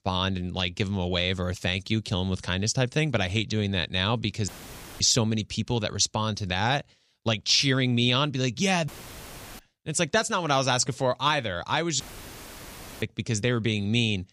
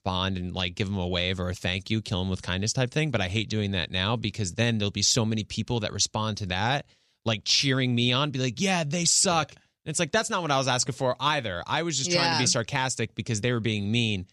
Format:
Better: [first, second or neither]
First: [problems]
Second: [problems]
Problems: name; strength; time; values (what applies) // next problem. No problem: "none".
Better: second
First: audio cutting out; filled with static; at 4.5 s for 0.5 s, at 9 s for 0.5 s and at 12 s for 1 s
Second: none